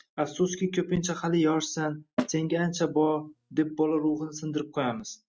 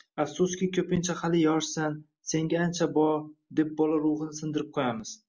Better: second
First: noise reduction (neural mask model RNNoise)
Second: none

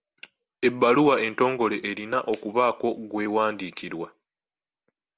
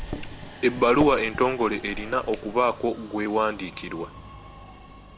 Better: first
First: none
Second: background sound (Subway, metro, underground + Microwave oven); 12 dB below the speech

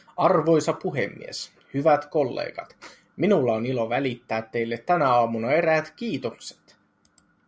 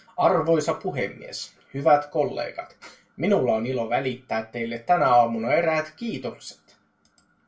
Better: first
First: none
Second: room echo; dies away in 0.2 s

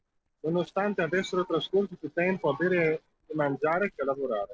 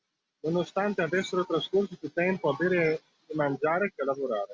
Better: second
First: noise reduction (neural separator model SepFormer DNS4)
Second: none

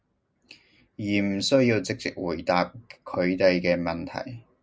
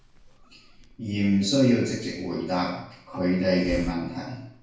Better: first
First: none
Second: background sound (Hiss); 18 dB below the speech // room echo; dies away in 0.6 s

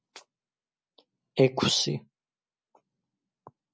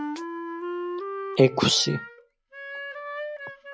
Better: first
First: none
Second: background sound (Wind instrument, woodwind instrument); 7 dB below the speech

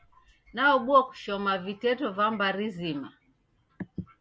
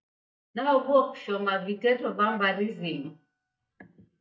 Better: first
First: none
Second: noise reduction (neural mask model DeepFilterNet 3)

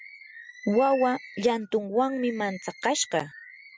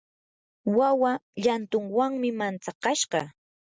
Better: second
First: background sound (Bird); 18 dB below the speech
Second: none

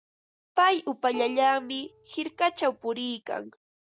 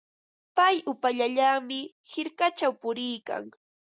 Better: second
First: background sound (Plucked string instrument); 16 dB below the speech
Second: none

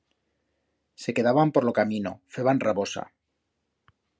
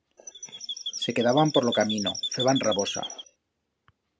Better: first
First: none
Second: background sound (Chirp, tweet); 6 dB below the speech

